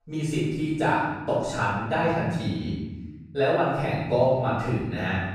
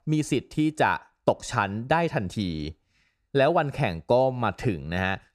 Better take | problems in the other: second | off-mic speech; far // room echo; strong; dies away in 1.2 s

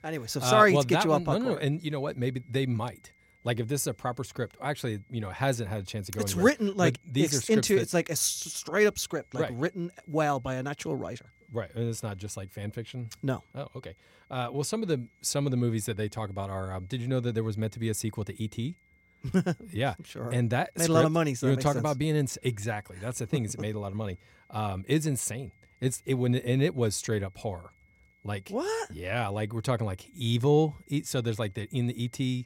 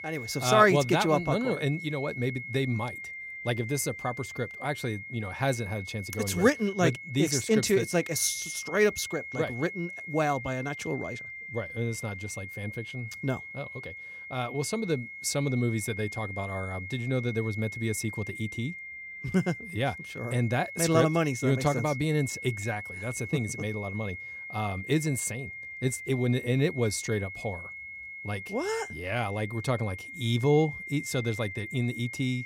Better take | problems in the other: first | high-pitched whine; loud; throughout; 2 kHz, 9 dB below the speech; faint in the first

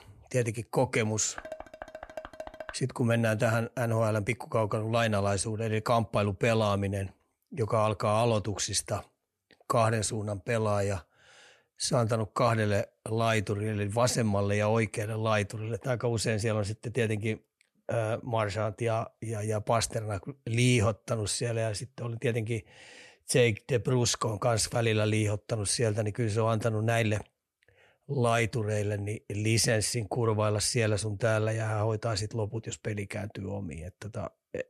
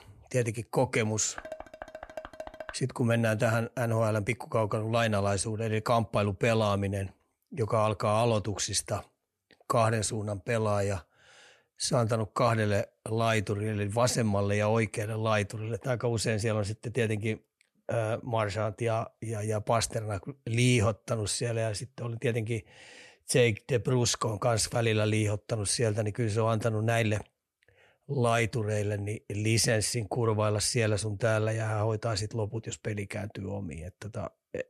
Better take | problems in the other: neither | clattering dishes; faint; from 1.5 to 2.5 s; peak 15 dB below the speech; the same in both

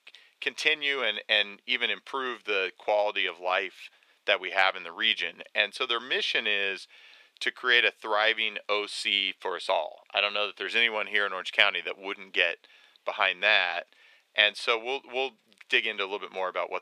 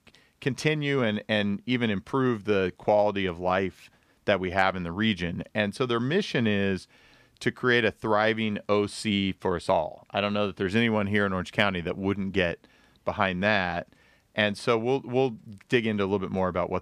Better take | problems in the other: second | thin; very; fading below 450 Hz

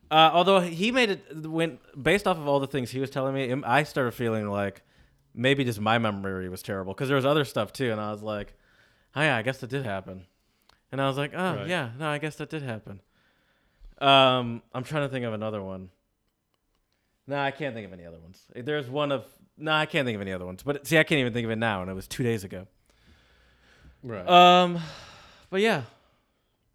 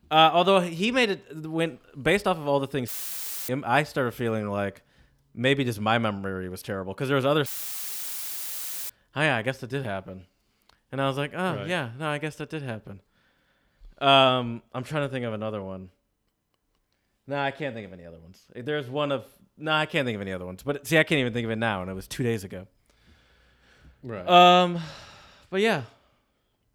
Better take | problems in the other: first | audio cutting out; filled with static; at 3 s for 0.5 s and at 7.5 s for 1.5 s

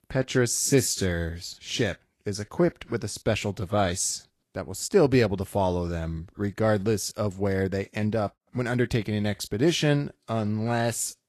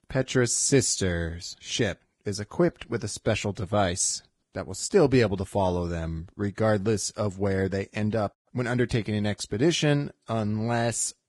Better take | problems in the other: first | garbled, watery; badly; nothing above 10.5 kHz; slightly in the first

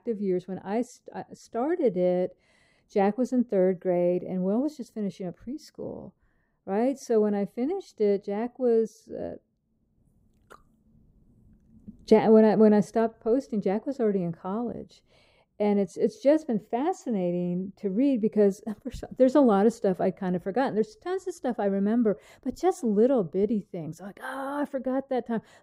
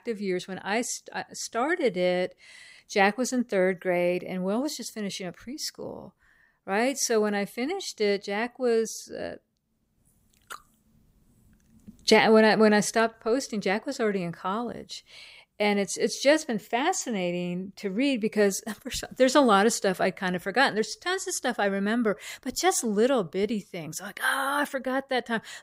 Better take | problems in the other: second | muffled; very; fading above 1 kHz

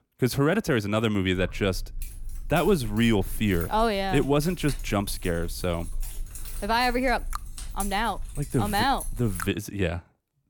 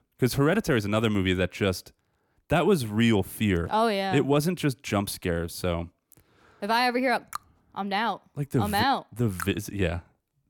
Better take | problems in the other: second | jangling keys; noticeable; from 1.5 to 9.5 s; peak 9 dB below the speech

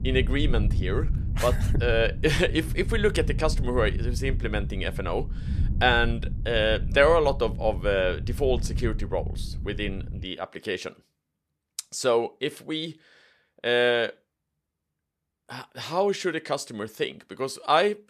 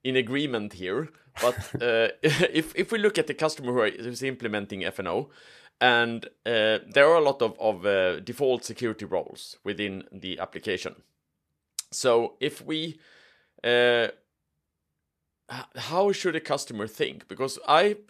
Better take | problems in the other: second | wind noise on the microphone; occasional gusts; until 10 s; 20 dB below the speech

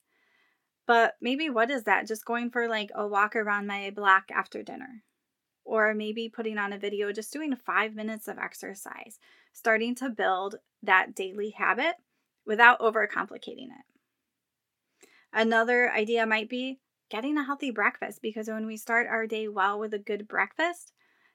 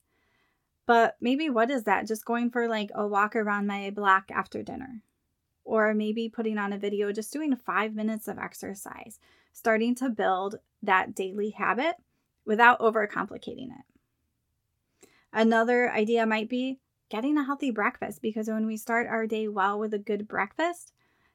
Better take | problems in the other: second | thin; very slightly; fading below 250 Hz

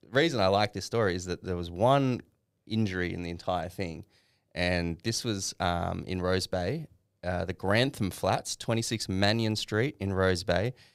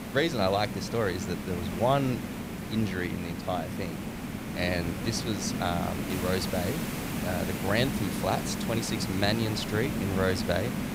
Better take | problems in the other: first | hiss; loud; throughout; 3 dB below the speech

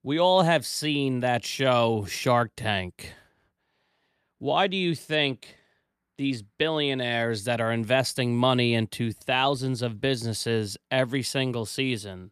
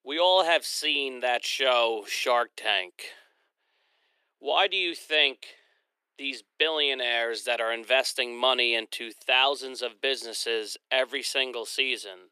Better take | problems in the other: first | thin; very; fading below 350 Hz

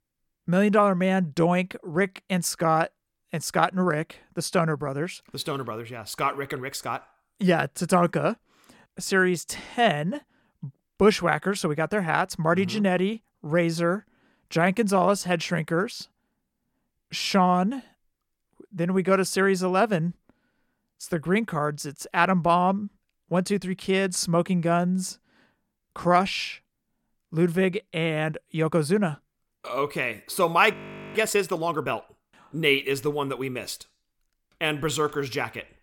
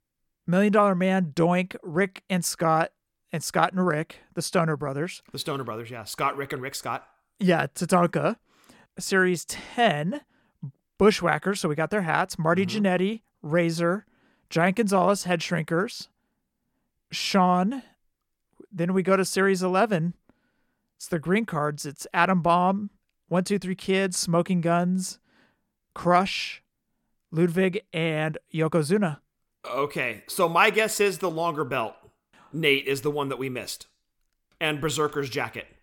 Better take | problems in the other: second | audio freezing; at 31 s

